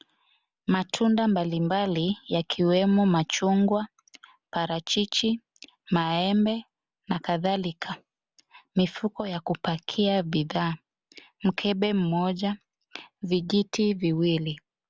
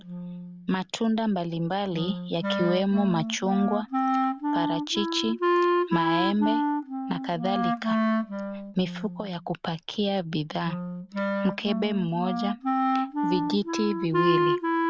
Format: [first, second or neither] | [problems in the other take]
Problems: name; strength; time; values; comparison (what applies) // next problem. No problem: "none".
first | background sound (Wind instrument, woodwind instrument); 1 dB above the speech